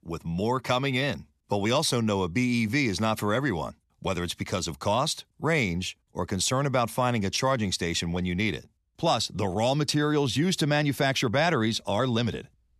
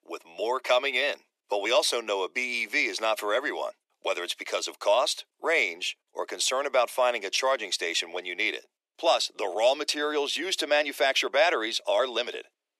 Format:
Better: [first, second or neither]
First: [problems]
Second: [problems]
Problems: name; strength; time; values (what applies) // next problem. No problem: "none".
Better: first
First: none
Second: thin; very; fading below 350 Hz